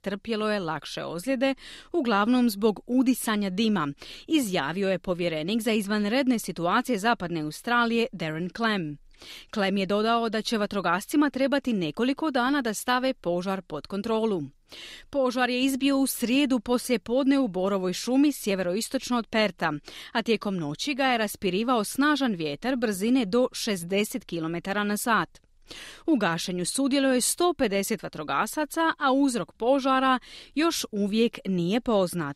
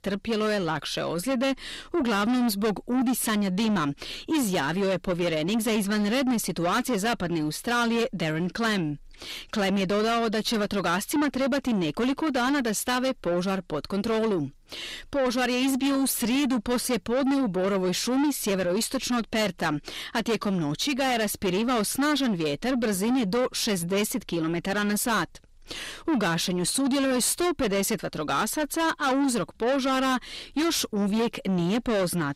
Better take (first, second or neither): first